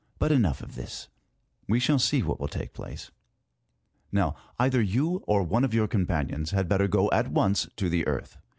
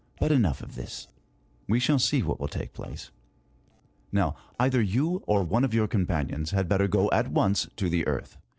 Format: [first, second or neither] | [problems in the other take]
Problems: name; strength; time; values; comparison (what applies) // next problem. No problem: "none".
first | noise reduction (neural separator model SepFormer DNS4)